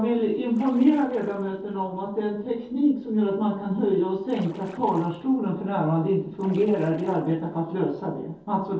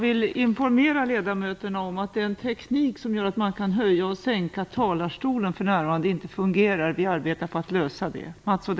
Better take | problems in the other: second | noise reduction (neural separator model SepFormer DNS4)

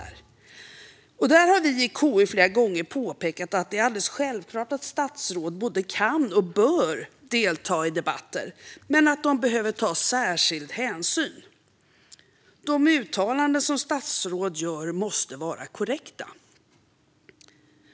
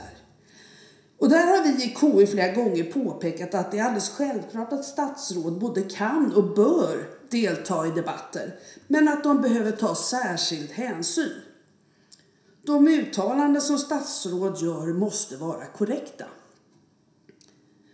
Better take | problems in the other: first | room echo; dies away in 0.7 s

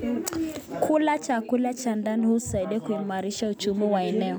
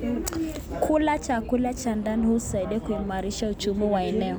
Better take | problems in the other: first | background sound (Subway, metro, underground / Train); 12 dB below the speech

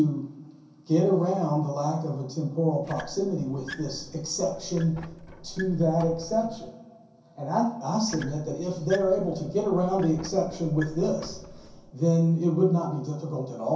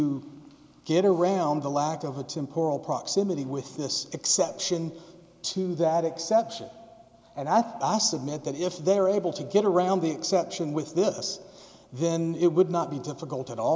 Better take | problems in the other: second | background sound (Squeak); 17 dB below the speech // room echo; dies away in 0.6 s

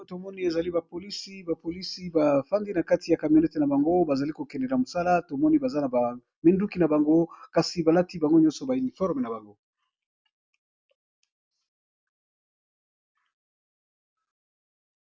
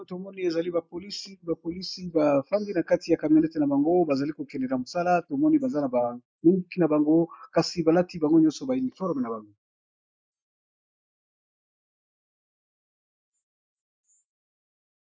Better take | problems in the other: first | noise reduction (neural mask model Resemble Enhance denoiser)

